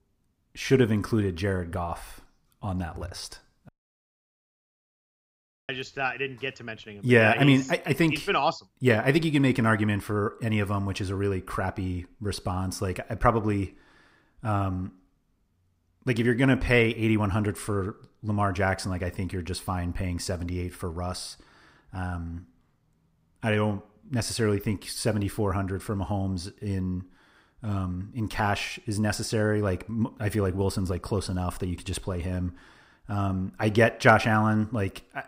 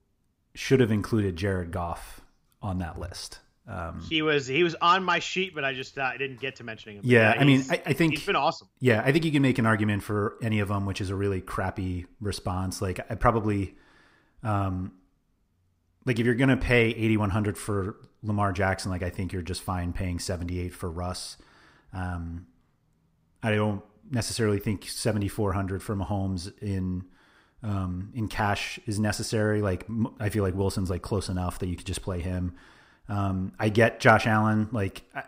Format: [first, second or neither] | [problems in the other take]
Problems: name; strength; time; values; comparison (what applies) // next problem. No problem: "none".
second | audio cutting out; at 3.5 s for 2 s